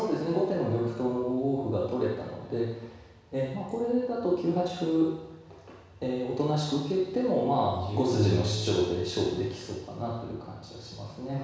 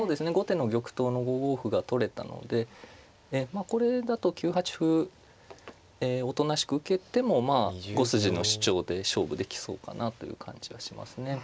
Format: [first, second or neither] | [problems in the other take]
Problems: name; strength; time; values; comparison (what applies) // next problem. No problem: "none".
second | room echo; dies away in 1.1 s